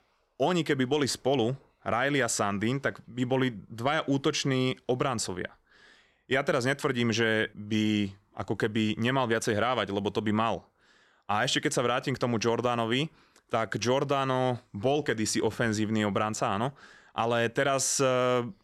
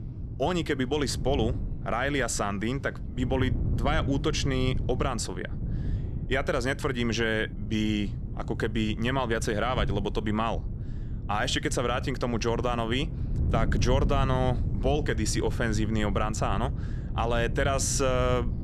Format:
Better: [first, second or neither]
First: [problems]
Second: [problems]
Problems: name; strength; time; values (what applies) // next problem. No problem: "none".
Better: first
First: none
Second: wind noise on the microphone; occasional gusts; 15 dB below the speech